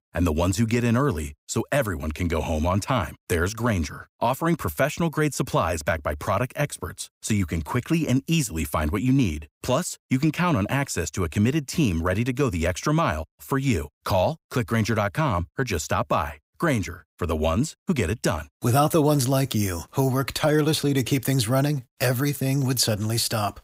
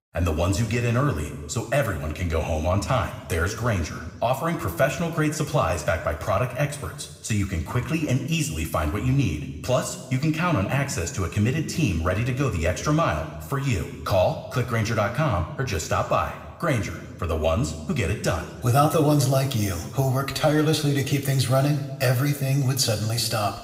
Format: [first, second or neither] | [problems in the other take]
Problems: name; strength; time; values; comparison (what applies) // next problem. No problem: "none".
first | room echo; slight; dies away in 1 s